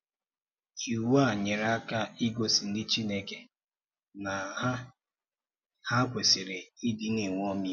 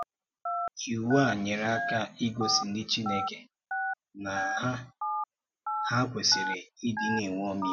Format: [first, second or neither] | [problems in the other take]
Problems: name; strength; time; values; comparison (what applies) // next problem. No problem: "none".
first | background sound (Telephone); 4 dB below the speech